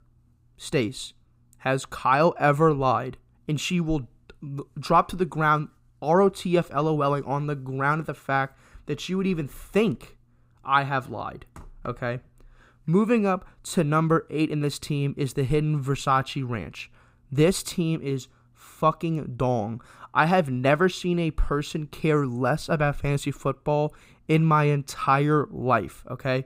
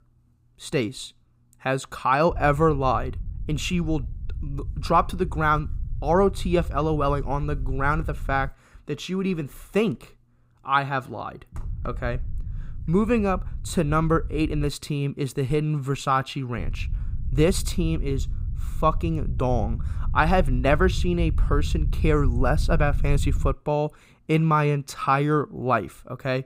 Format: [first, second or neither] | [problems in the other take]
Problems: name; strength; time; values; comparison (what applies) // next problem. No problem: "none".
first | low rumble; faint; from 2.5 to 8.5 s, from 12 to 15 s and from 17 to 24 s; 25 dB below the speech